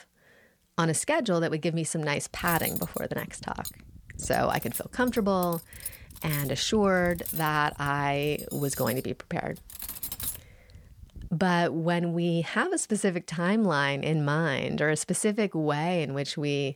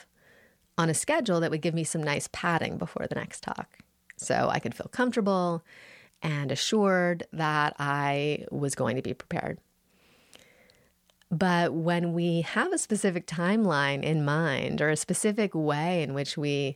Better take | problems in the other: second | clattering dishes; noticeable; from 2.5 to 11 s; peak 3 dB below the speech

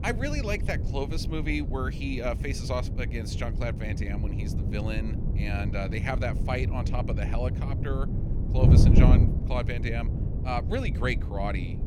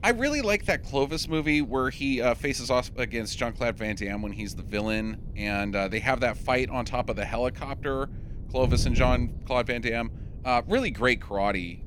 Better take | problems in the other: second | wind noise on the microphone; heavy; 5 dB below the speech; occasional gusts in the second

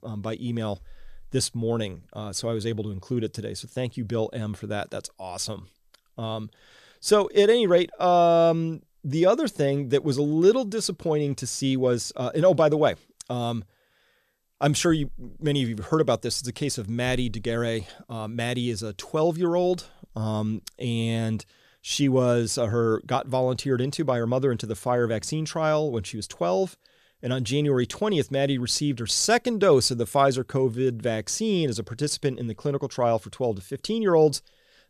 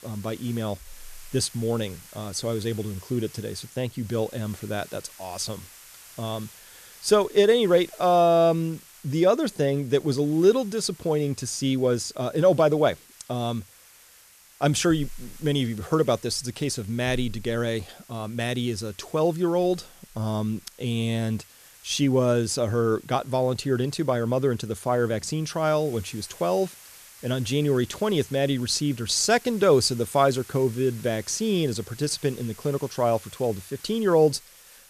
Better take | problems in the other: first | hiss; faint; throughout; 20 dB below the speech

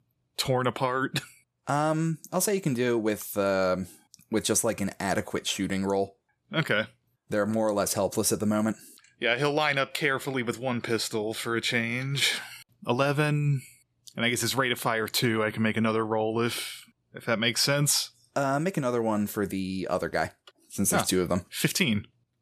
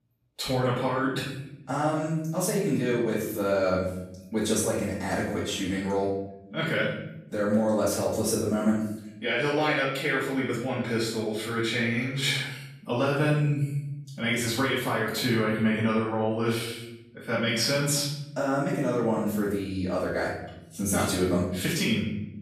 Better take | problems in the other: first | off-mic speech; far // room echo; noticeable; dies away in 0.9 s

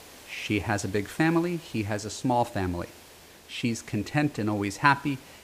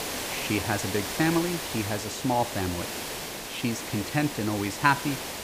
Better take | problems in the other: first | hiss; loud; throughout; 5 dB below the speech; faint in the first

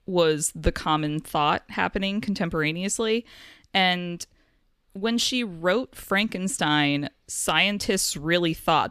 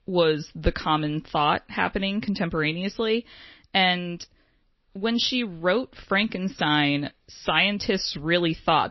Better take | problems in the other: first | garbled, watery; slightly; nothing above 5.5 kHz

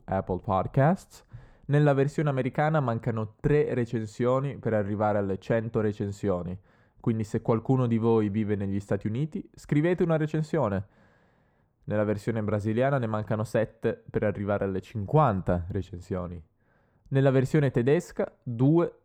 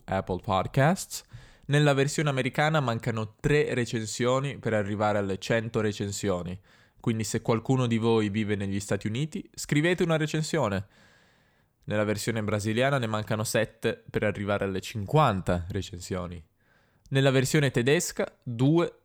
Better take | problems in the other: second | muffled; very; fading above 2 kHz

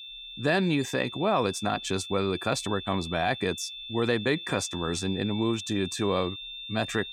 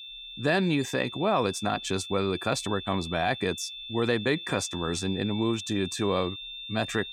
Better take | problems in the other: neither | high-pitched whine; loud; throughout; 3.5 kHz, 9 dB below the speech; the same in both

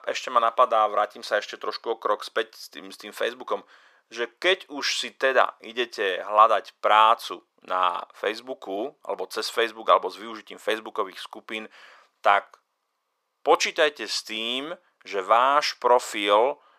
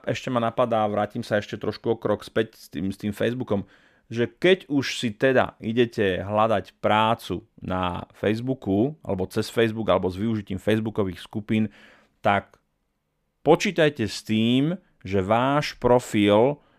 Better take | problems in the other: second | thin; very; fading below 500 Hz

